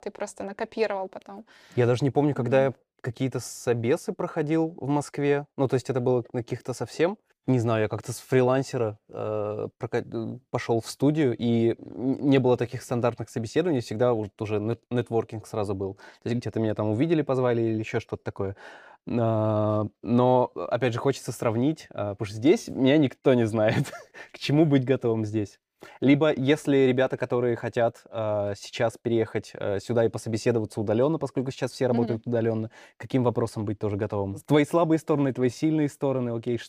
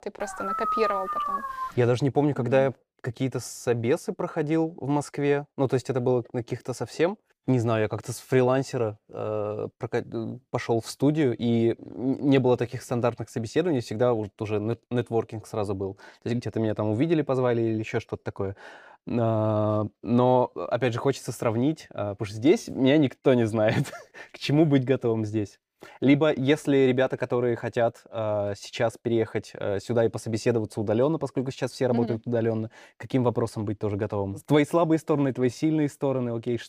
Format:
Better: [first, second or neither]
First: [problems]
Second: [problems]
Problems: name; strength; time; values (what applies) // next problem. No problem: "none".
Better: first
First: none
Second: dog barking; noticeable; until 1.5 s; peak 1 dB below the speech